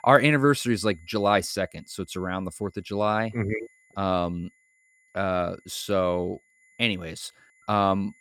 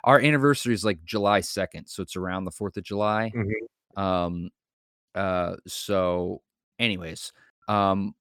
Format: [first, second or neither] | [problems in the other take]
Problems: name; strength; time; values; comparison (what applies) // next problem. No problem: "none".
second | high-pitched whine; faint; throughout; 2 kHz, 35 dB below the speech